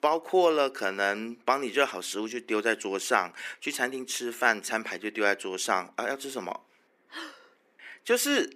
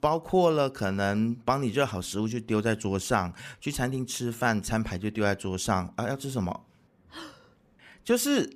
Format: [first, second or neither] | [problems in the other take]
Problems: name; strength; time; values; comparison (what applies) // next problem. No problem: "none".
second | thin; somewhat; fading below 300 Hz